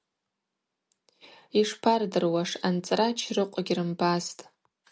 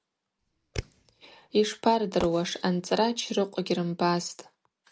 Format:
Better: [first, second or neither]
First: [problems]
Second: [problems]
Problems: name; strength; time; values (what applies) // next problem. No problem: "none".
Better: first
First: none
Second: background sound (Fireworks); 15 dB below the speech